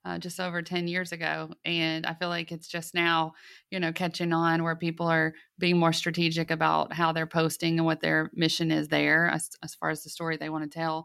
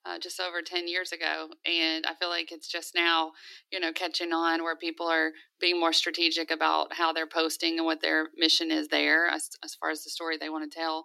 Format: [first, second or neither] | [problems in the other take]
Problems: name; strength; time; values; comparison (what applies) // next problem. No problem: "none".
first | thin; very; fading below 300 Hz